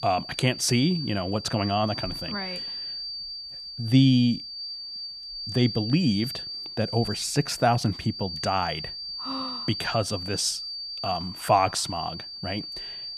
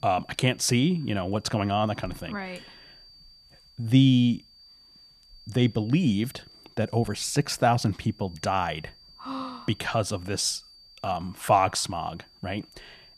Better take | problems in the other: second | high-pitched whine; loud; throughout; 4.5 kHz, 7 dB below the speech; faint in the second

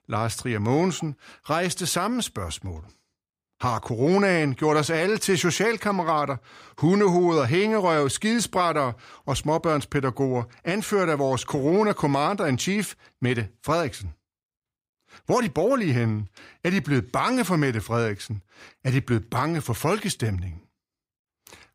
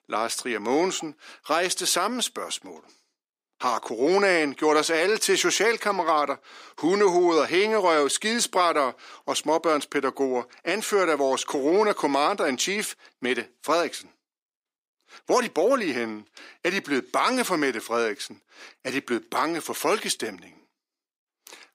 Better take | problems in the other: first | thin; somewhat; fading below 300 Hz

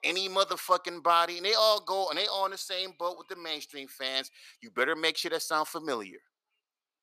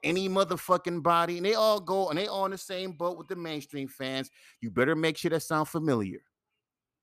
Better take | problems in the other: second | thin; very; fading below 550 Hz

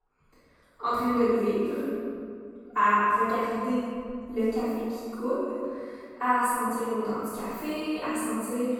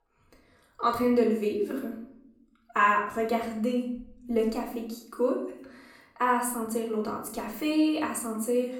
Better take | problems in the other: second | room echo; strong; dies away in 2.1 s; slight in the second // off-mic speech; far; far in the second

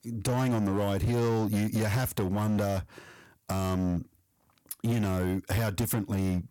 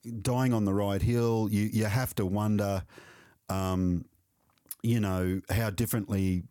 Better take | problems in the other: second | distortion; slight; 15% of the sound clipped

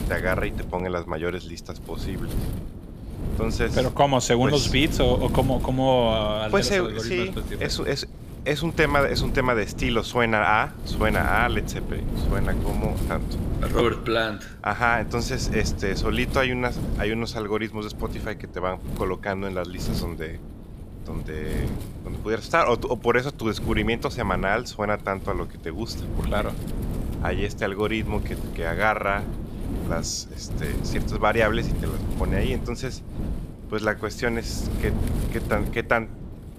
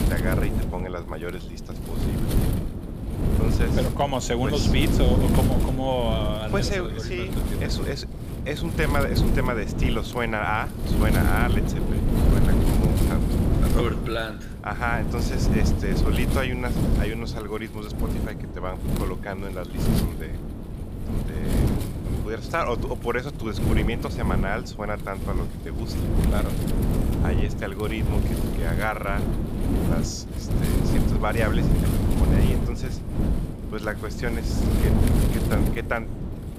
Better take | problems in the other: first | wind noise on the microphone; heavy; 4 dB below the speech; occasional gusts in the first

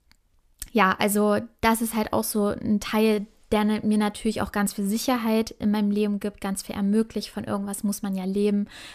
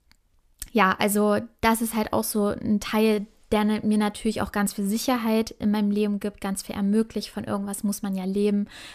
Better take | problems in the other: neither | none

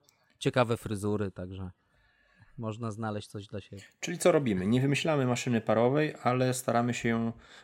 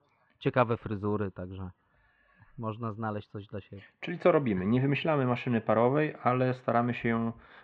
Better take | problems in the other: first | muffled; very; fading above 3 kHz

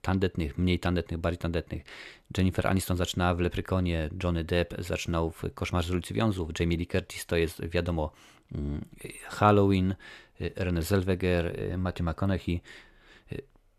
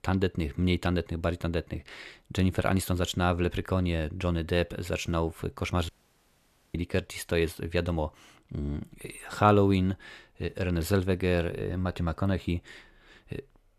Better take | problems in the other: first | audio cutting out; at 6 s for 1 s

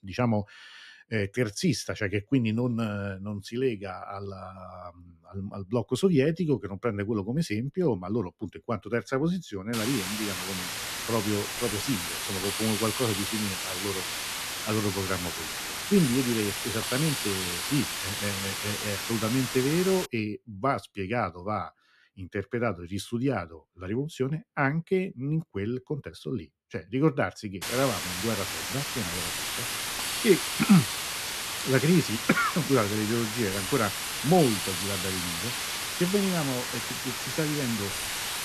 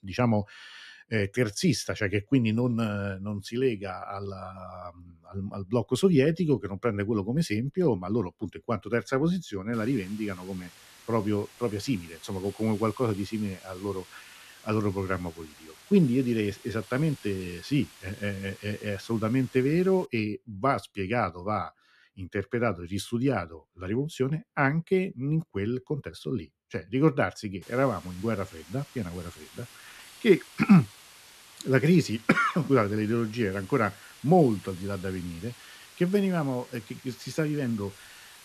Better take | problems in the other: second | hiss; loud; from 9.5 to 20 s and from 28 s on; 1 dB below the speech; faint in the second

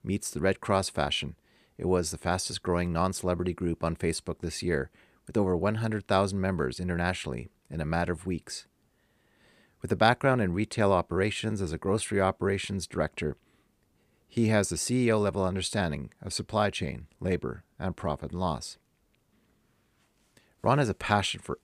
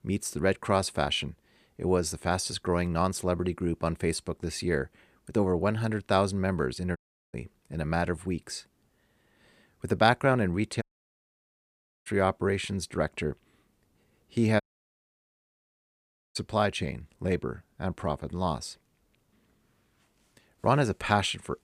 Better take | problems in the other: first | audio cutting out; at 7 s, at 11 s for 1 s and at 15 s for 2 s

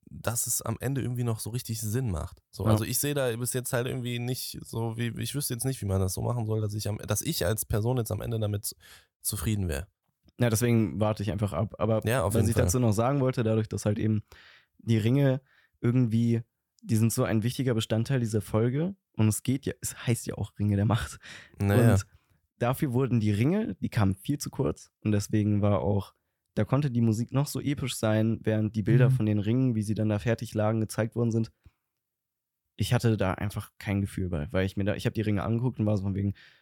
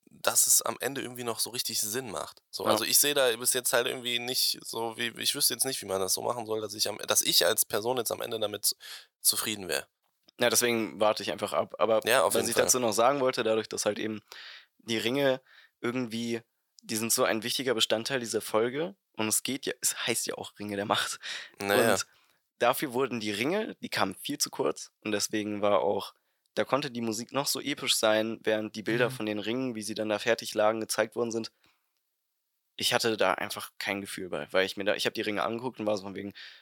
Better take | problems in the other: first | thin; very; fading below 500 Hz

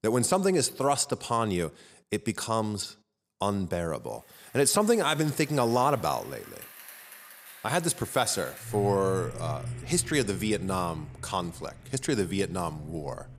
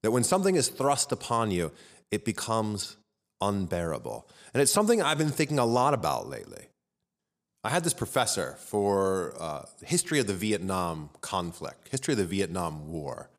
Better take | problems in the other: second | traffic noise; noticeable; from 4.5 s on; 15 dB below the speech

